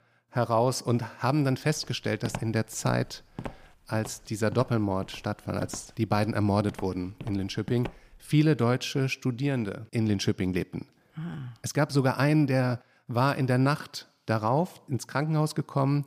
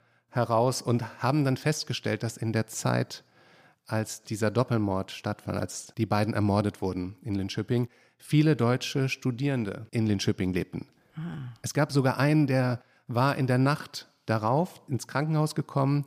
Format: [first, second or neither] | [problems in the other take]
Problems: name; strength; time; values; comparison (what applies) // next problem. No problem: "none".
second | footsteps; noticeable; from 1.5 to 8 s; peak 9 dB below the speech